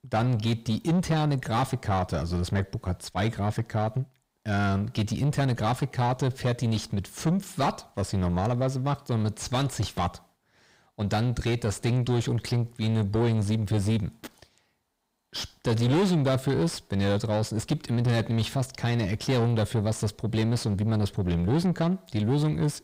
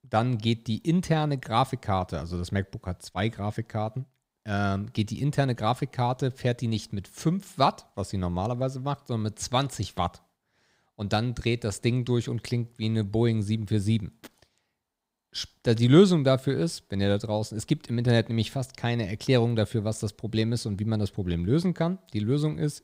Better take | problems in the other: second | distortion; heavy; 7 dB below the speech

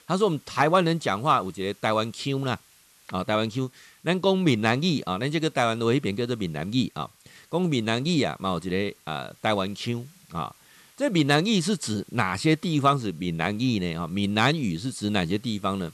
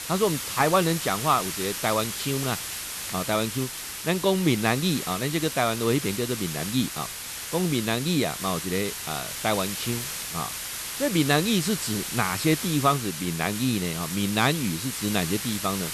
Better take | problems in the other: first | hiss; loud; throughout; 5 dB below the speech; faint in the first

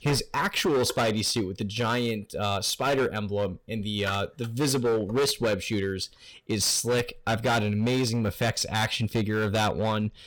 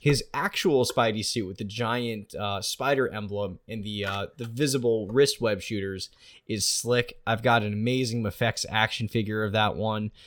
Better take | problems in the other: second | distortion; heavy; 12% of the sound clipped

